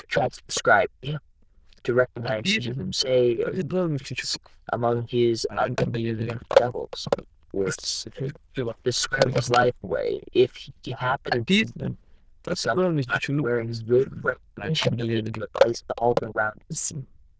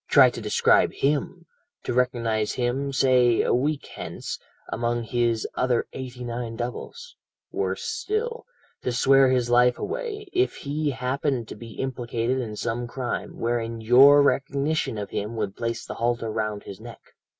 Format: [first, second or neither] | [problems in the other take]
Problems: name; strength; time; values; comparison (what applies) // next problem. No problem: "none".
second | noise reduction (neural diffusion model UNIVERSE++)